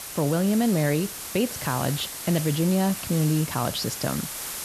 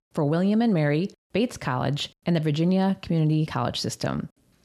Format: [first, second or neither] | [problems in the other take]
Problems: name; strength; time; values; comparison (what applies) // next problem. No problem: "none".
second | hiss; loud; throughout; 7 dB below the speech